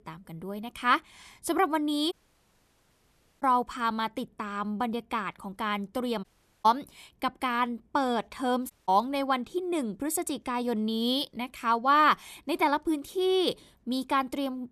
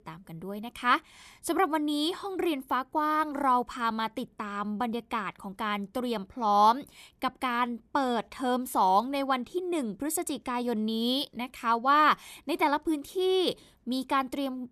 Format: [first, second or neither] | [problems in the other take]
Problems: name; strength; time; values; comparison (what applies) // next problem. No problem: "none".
second | audio cutting out; at 2 s for 1.5 s, at 6 s and at 8.5 s